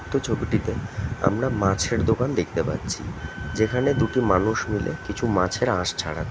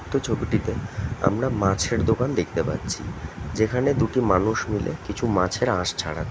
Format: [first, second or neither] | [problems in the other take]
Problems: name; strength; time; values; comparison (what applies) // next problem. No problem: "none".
second | background sound (Wind instrument, woodwind instrument); 20 dB below the speech